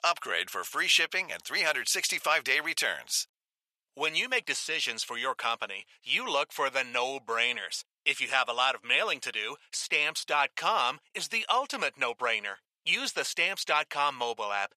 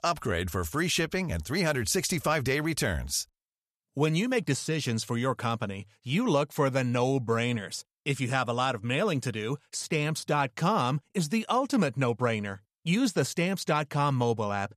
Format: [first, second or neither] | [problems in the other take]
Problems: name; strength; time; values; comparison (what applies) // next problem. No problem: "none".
second | thin; very; fading below 750 Hz